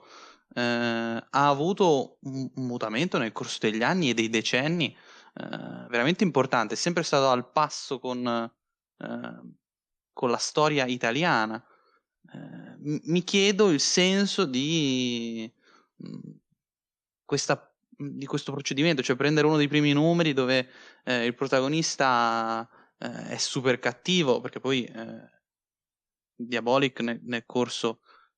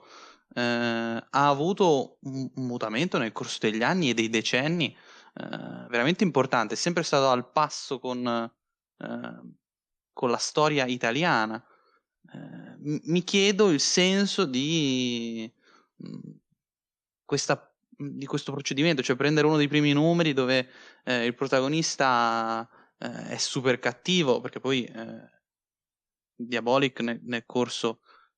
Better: neither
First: none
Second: none

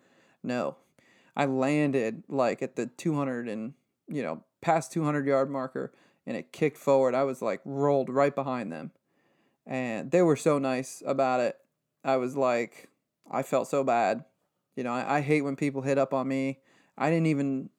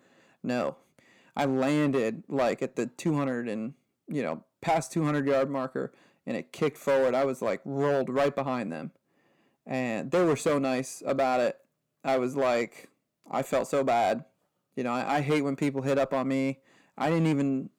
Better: first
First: none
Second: distortion; slight; 5% of the sound clipped

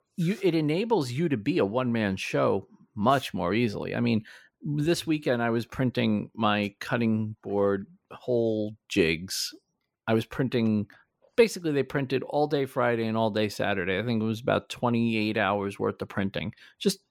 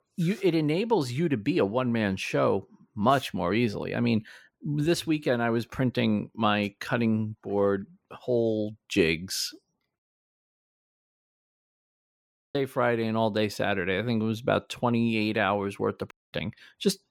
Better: first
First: none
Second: audio cutting out; at 10 s for 2.5 s and at 16 s

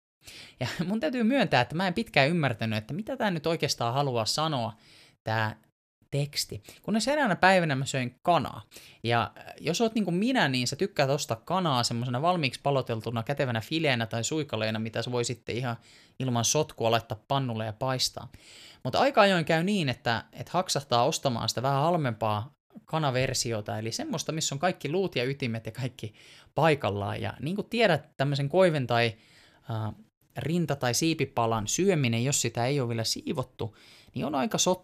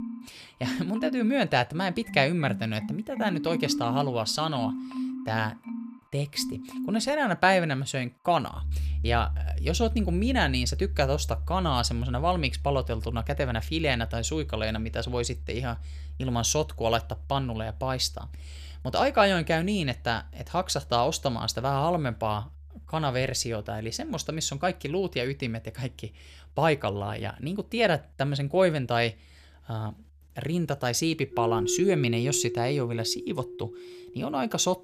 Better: first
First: none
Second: background music; loud; throughout; 8 dB below the speech

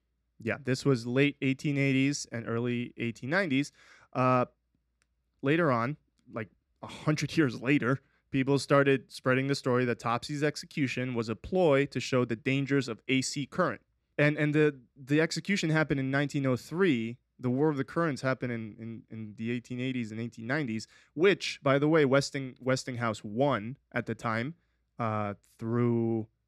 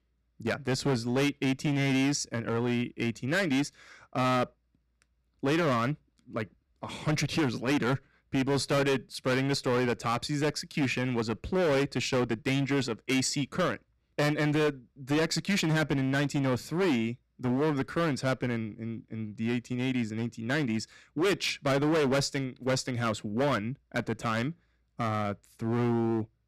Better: first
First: none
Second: distortion; heavy; 14% of the sound clipped

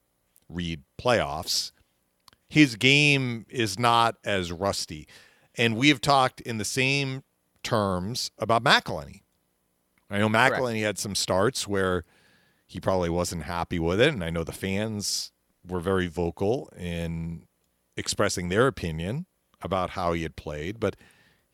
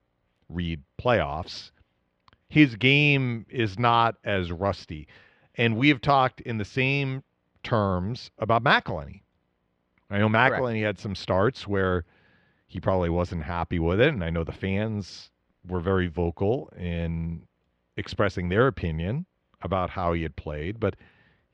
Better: first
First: none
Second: muffled; slightly; fading above 3 kHz

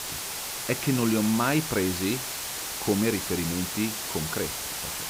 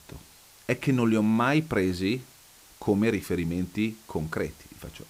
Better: second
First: hiss; loud; throughout; 3 dB below the speech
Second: hiss; faint; throughout; 25 dB below the speech

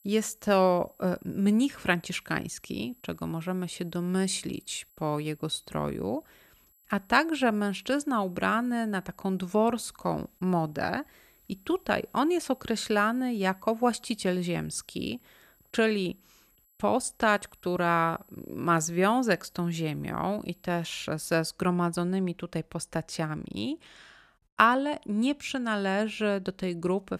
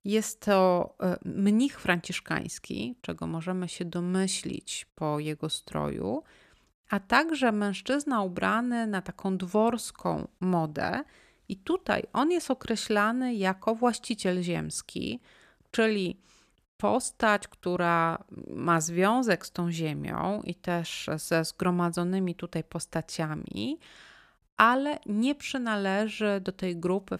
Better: second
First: high-pitched whine; faint; until 21 s; 12 kHz, 30 dB below the speech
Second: none

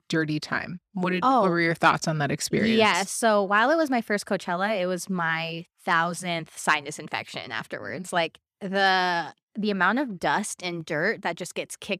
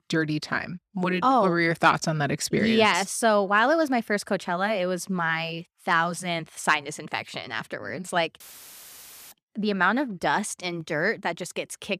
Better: first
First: none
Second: audio cutting out; filled with static; at 8.5 s for 1 s

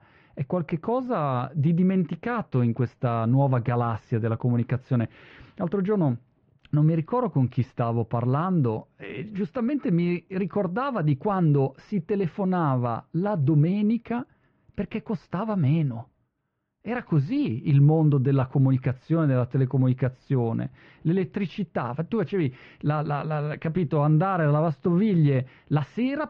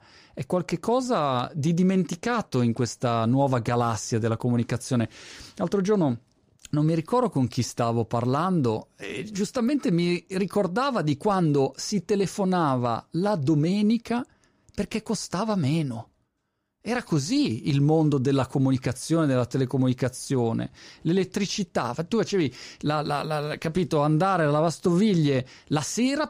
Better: second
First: muffled; very; fading above 3 kHz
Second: none

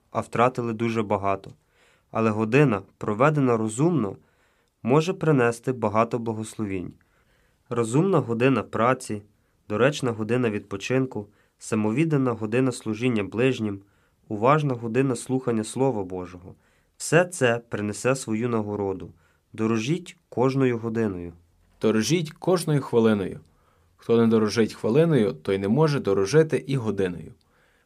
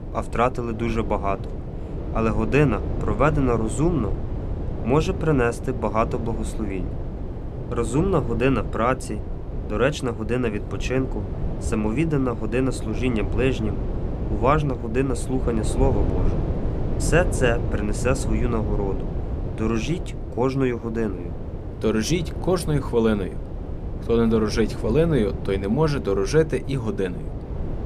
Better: first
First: none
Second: wind noise on the microphone; occasional gusts; 10 dB below the speech

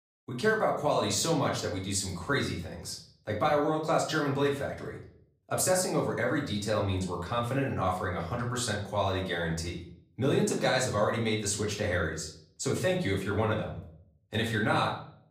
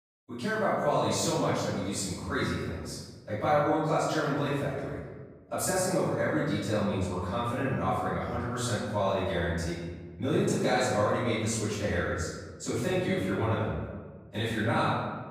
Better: first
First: room echo; slight; dies away in 0.5 s // off-mic speech; far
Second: room echo; strong; dies away in 1.4 s // off-mic speech; far

